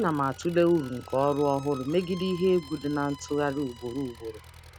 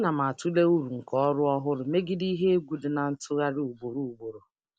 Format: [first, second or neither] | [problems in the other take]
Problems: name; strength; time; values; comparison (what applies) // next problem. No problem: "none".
second | background sound (Engine + Squeak); 19 dB below the speech